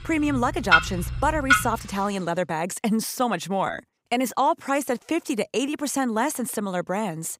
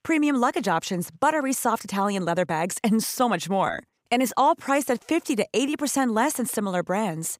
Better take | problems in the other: second | household noises; very loud; until 1.5 s; 3 dB above the speech

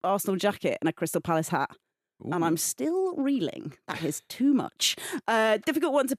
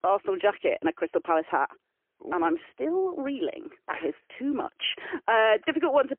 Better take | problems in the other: first | phone-call audio; poor line; nothing above 3 kHz

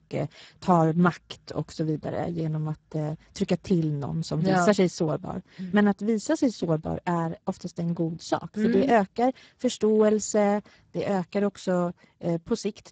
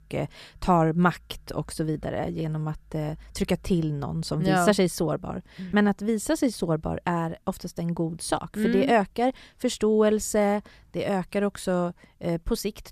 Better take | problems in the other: second | garbled, watery; badly; nothing above 7.5 kHz

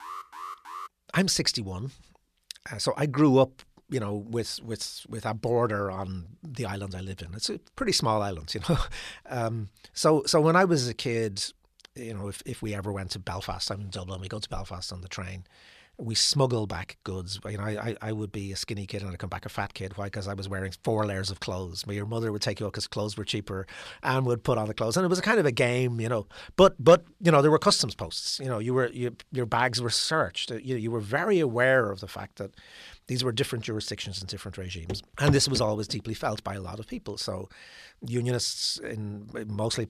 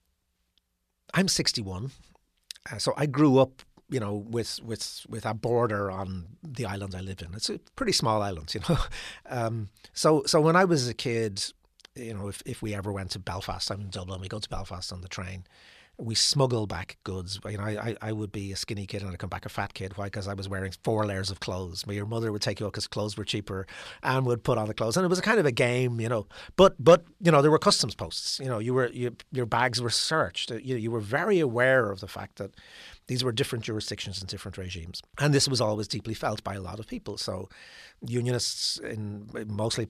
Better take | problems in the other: second | alarm; faint; at the start; peak 10 dB below the speech // footsteps; noticeable; at 35 s; peak 3 dB below the speech

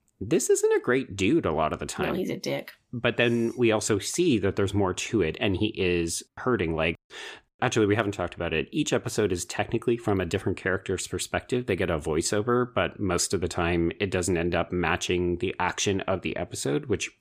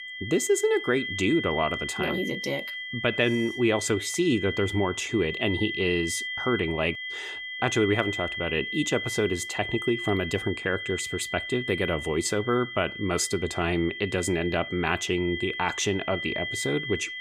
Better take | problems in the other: first | high-pitched whine; loud; throughout; 2 kHz, 6 dB below the speech

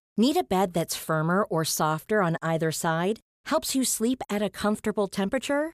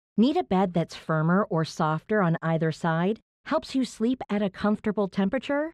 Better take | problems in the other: first | muffled; slightly; fading above 3 kHz

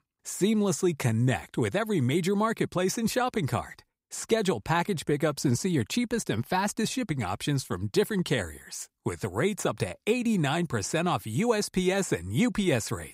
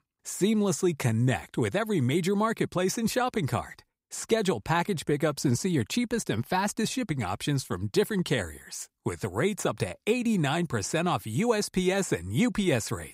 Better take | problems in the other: neither | none

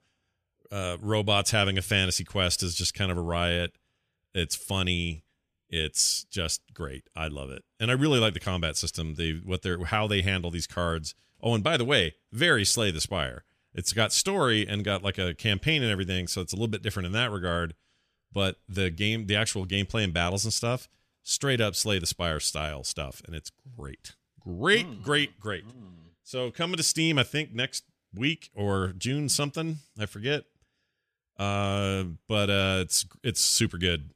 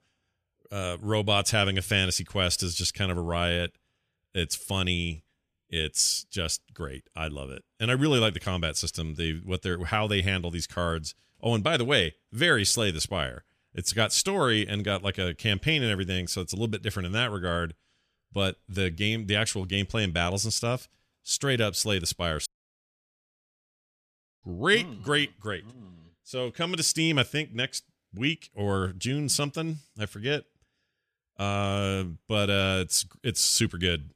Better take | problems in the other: first | audio cutting out; at 22 s for 2 s

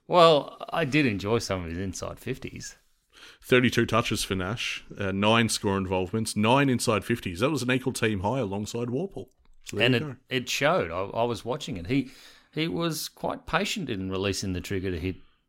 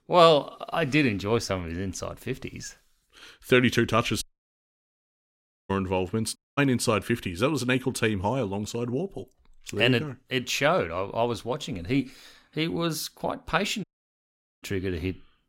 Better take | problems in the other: first | audio cutting out; at 4 s for 1.5 s, at 6.5 s and at 14 s for 1 s

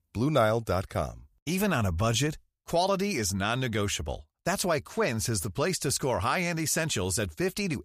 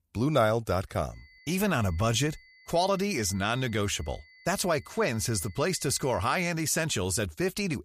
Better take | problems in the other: first | high-pitched whine; faint; from 1 to 6.5 s; 2 kHz, 25 dB below the speech

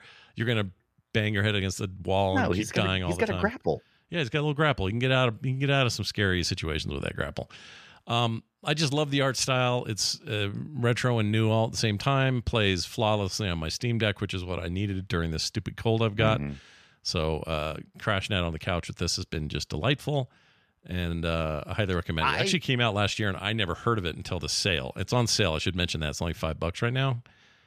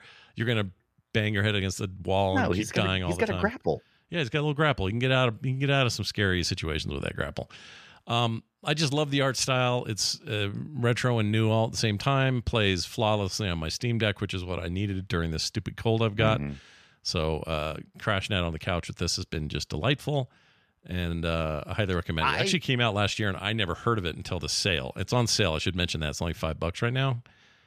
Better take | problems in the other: neither | none

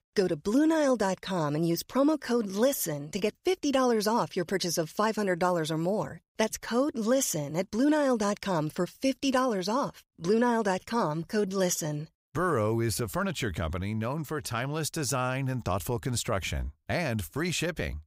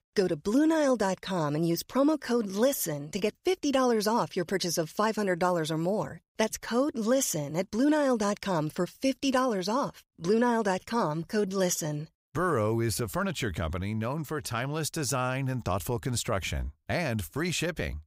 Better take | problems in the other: neither | none

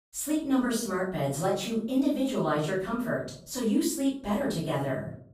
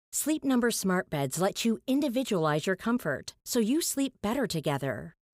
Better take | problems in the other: second | off-mic speech; far // room echo; noticeable; dies away in 0.5 s

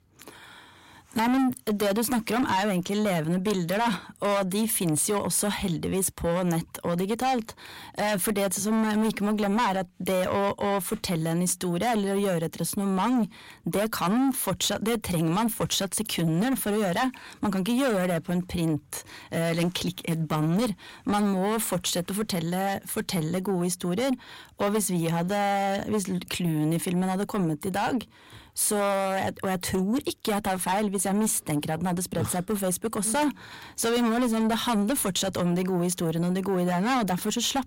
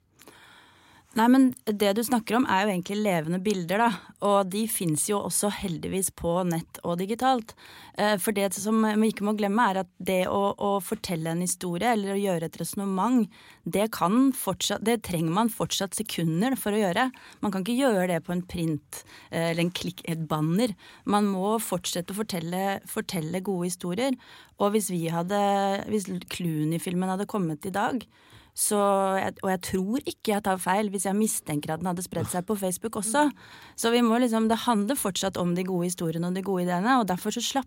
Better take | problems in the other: second | distortion; heavy; 7 dB below the speech

